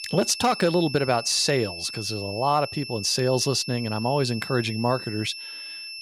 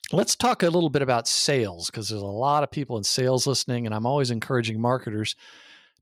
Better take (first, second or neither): second